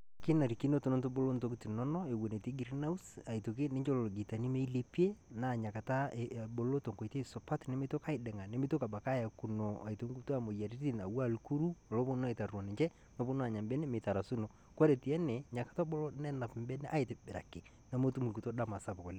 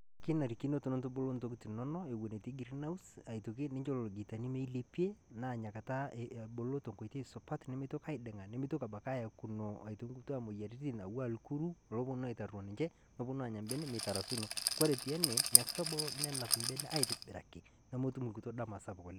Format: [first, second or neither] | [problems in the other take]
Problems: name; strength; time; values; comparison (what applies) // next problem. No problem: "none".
first | background sound (Rattle); 5 dB above the speech